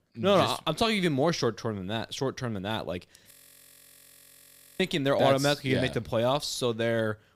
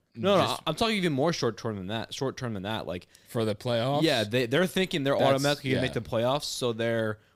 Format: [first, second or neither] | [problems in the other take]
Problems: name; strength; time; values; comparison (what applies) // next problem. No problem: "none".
second | audio freezing; at 3.5 s for 1.5 s